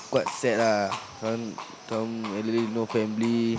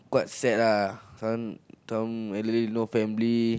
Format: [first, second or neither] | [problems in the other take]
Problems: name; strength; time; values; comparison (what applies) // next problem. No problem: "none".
second | background sound (Livestock, farm animals, working animals); 12 dB below the speech